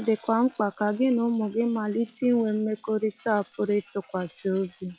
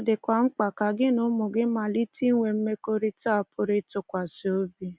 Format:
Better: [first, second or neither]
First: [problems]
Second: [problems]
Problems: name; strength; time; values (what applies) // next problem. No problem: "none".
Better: second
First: noise reduction (classical method log-MMSE)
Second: none